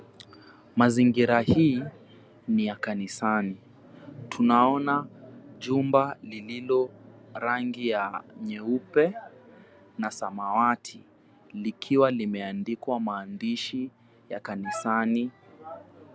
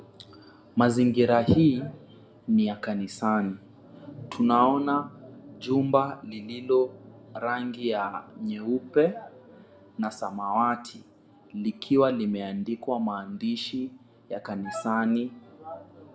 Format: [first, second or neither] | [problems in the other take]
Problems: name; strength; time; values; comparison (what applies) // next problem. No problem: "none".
first | room echo; dies away in 0.4 s